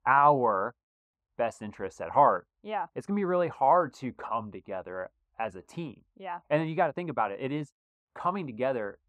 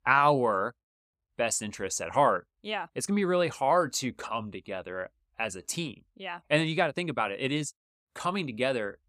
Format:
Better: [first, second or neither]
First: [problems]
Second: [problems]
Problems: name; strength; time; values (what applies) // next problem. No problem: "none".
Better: second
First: muffled; very; fading above 3 kHz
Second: none